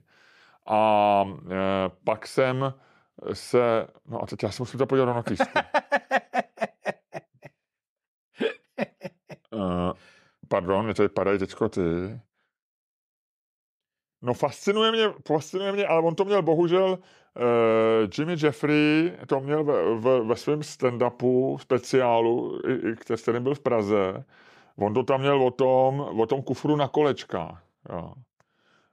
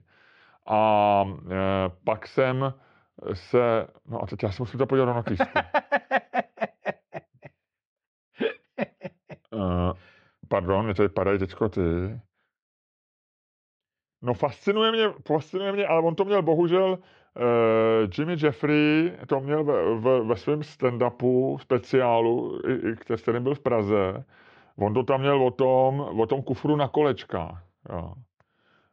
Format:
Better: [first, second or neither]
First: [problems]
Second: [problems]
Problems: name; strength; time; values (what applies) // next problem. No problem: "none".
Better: first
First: none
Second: muffled; slightly; fading above 4 kHz